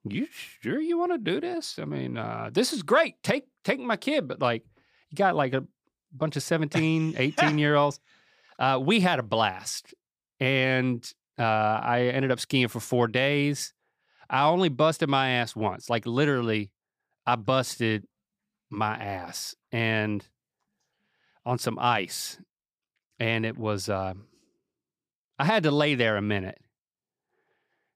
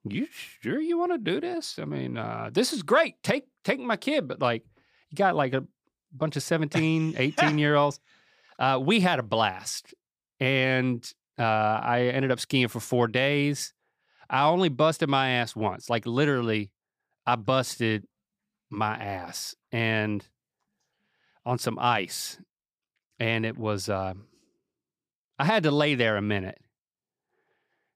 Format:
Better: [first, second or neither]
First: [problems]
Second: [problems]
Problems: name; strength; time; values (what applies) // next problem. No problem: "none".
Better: neither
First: none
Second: none